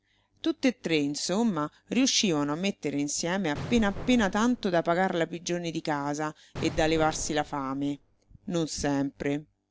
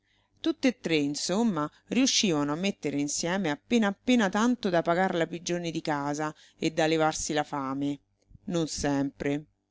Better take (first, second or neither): second